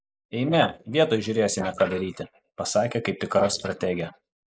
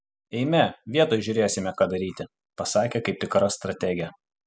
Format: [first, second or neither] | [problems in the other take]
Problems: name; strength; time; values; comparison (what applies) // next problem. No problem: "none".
second | noise reduction (neural mask model Resemble Enhance denoiser)